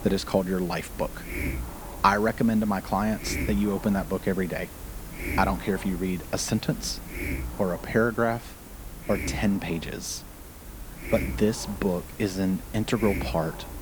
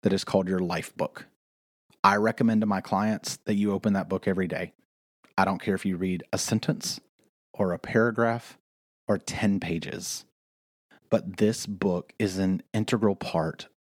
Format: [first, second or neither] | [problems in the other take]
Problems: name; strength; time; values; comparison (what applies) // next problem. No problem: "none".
second | hiss; loud; throughout; 9 dB below the speech